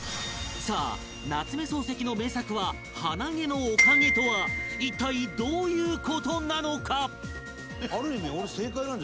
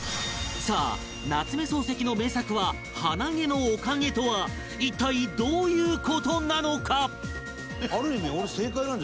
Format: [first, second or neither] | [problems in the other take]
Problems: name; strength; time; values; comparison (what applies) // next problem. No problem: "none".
second | background sound (Glockenspiel); 2 dB above the speech